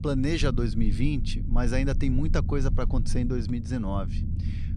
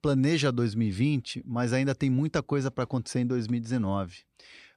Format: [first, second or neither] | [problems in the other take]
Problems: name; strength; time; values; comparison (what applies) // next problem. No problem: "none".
second | low rumble; noticeable; throughout; 10 dB below the speech